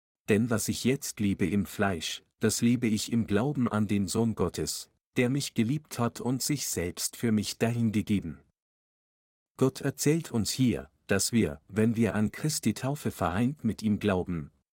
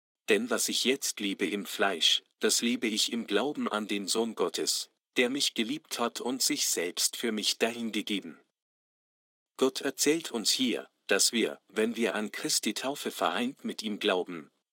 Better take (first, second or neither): first